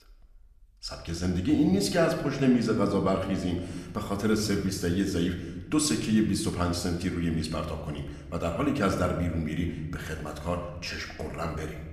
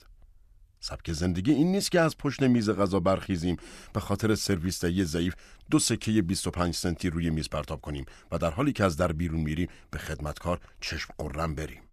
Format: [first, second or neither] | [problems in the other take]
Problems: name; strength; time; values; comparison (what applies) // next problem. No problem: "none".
second | room echo; slight; dies away in 1 s // off-mic speech; somewhat distant